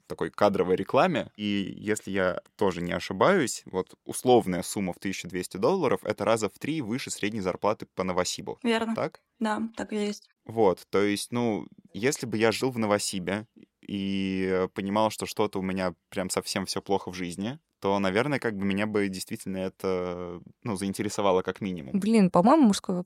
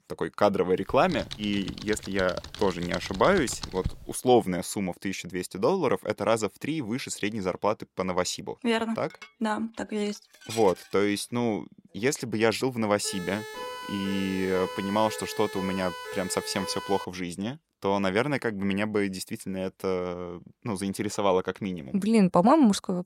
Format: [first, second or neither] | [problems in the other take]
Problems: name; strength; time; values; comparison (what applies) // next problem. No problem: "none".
first | keyboard typing; noticeable; from 1 to 4 s; peak 9 dB below the speech // clattering dishes; faint; from 9 to 11 s; peak 10 dB below the speech // siren; noticeable; from 13 to 17 s; peak 9 dB below the speech